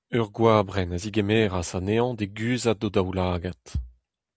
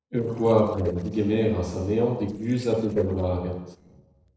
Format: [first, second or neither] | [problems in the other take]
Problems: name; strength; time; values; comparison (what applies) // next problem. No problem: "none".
first | noise reduction (neural separator model SepFormer DNS4)